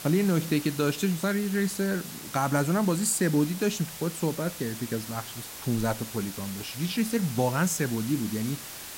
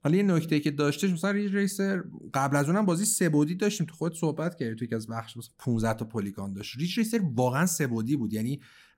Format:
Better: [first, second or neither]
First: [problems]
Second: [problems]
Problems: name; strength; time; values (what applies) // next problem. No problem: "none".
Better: second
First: hiss; noticeable; throughout; 10 dB below the speech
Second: none